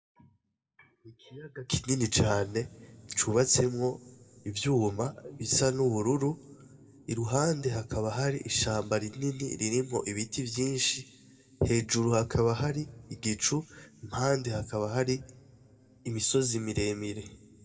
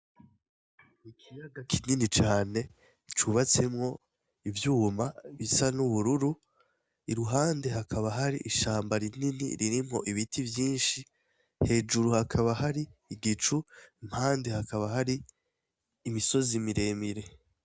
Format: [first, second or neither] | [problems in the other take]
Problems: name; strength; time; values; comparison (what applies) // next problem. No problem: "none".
second | room echo; dies away in 1.2 s